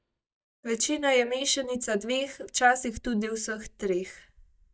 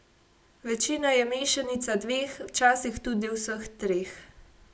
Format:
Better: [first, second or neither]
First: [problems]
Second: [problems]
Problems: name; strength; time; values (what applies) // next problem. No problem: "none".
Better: second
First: noise reduction (neural mask model DeepFilterNet 3)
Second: none